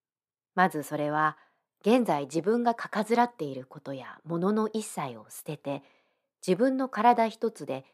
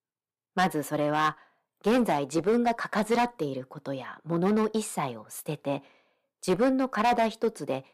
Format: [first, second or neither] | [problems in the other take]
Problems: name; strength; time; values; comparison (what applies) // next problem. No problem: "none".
first | distortion; heavy; 5% of the sound clipped